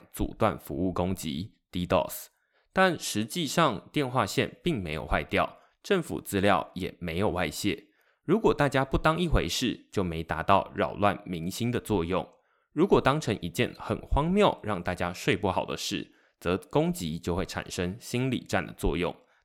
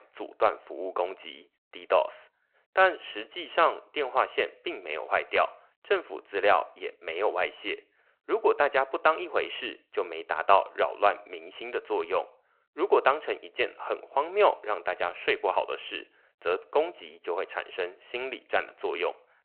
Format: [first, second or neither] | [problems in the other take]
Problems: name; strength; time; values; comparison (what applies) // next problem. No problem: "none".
first | phone-call audio